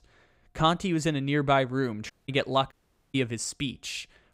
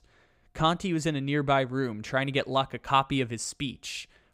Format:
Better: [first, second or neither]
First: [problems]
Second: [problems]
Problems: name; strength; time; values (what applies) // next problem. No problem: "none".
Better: second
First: audio cutting out; at 2 s and at 2.5 s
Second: none